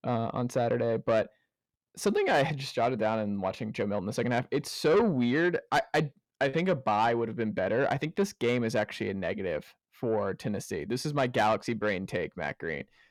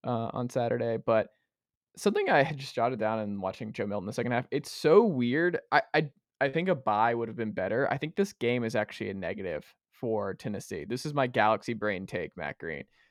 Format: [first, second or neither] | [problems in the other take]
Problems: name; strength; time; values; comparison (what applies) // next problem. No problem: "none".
second | distortion; slight; 10 dB below the speech